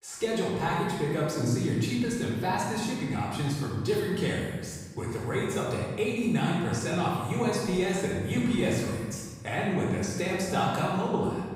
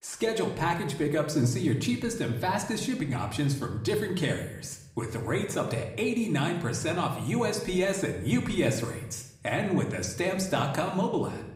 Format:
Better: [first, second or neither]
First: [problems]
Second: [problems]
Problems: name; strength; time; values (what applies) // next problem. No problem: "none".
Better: second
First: room echo; strong; dies away in 1.5 s // off-mic speech; far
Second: room echo; slight; dies away in 0.7 s // off-mic speech; somewhat distant